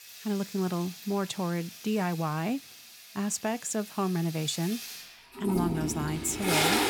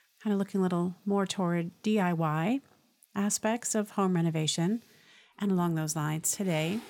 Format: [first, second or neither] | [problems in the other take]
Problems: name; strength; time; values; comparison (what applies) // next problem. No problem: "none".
second | household noises; loud; throughout; 3 dB below the speech; faint in the second